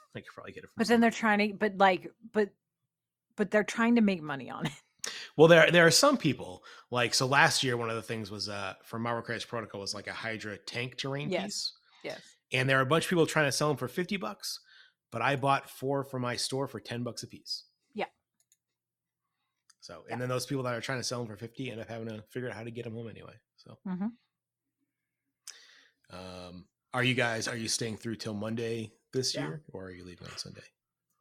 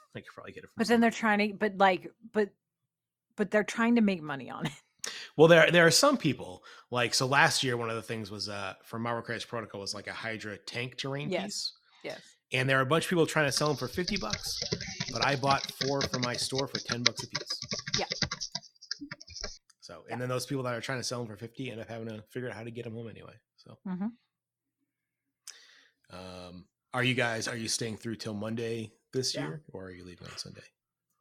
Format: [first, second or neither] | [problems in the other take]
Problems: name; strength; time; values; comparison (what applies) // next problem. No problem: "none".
first | keyboard typing; loud; from 14 to 19 s; peak 1 dB above the speech